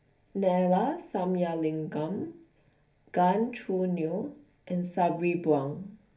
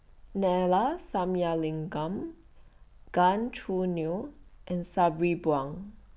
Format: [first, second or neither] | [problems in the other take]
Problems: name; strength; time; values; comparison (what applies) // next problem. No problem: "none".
second | room echo; dies away in 0.3 s